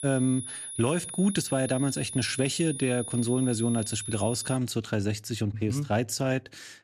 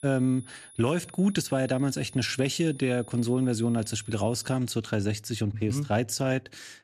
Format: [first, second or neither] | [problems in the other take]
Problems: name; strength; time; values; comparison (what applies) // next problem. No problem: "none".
second | high-pitched whine; loud; until 4.5 s; 10.5 kHz, 7 dB below the speech; faint in the second